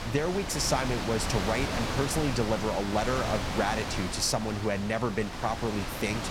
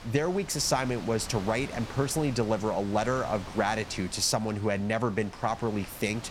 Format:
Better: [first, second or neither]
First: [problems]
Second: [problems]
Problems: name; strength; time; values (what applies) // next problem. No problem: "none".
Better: second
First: wind noise on the microphone; heavy; 4 dB below the speech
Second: wind noise on the microphone; occasional gusts; 15 dB below the speech